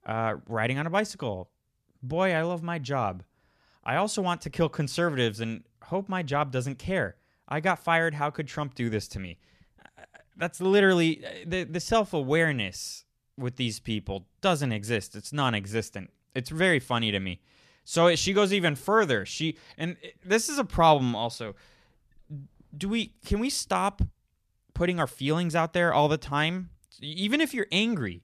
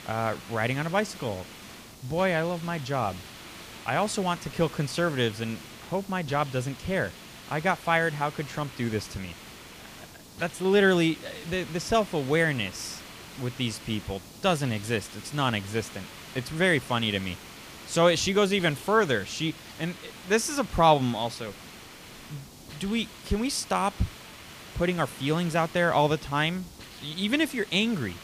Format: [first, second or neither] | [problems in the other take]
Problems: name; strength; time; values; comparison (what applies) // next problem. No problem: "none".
first | hiss; noticeable; throughout; 15 dB below the speech